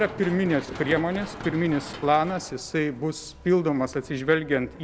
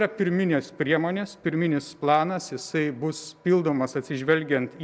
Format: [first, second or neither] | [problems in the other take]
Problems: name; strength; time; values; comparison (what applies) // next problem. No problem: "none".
second | background sound (Run); 15 dB below the speech